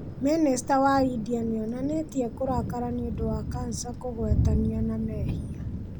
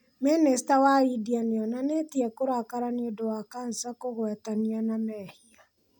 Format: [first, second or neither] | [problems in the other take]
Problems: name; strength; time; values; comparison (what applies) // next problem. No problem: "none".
second | background sound (Thunder / Rain); 3 dB below the speech